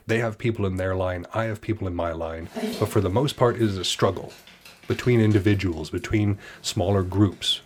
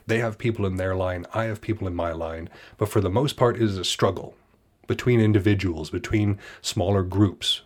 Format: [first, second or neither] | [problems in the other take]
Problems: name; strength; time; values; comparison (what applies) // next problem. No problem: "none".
second | dog barking; noticeable; from 2.5 to 5.5 s; peak 6 dB below the speech